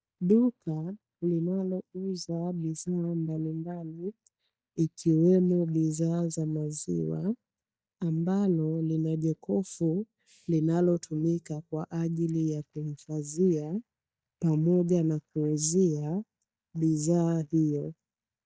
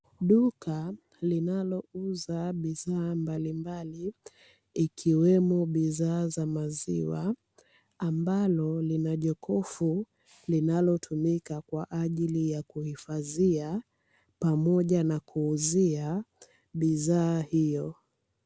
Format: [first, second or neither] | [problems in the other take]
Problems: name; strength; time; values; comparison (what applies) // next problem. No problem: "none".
second | noise reduction (neural mask model DeepFilterNet 3)